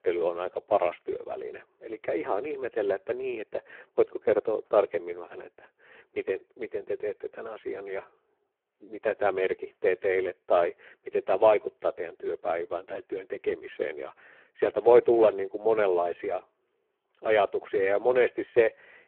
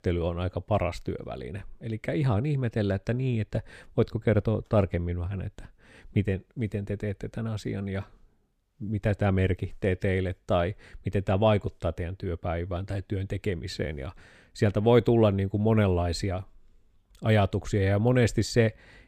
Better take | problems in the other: second | phone-call audio; poor line

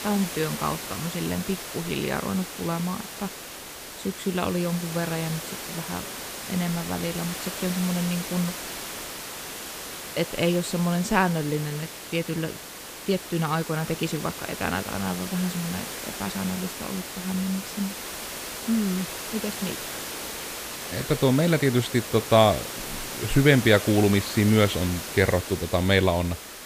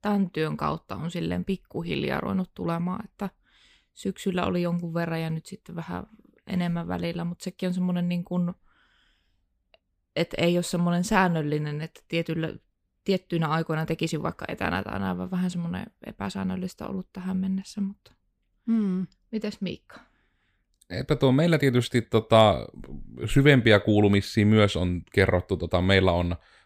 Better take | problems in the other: second | hiss; loud; throughout; 8 dB below the speech

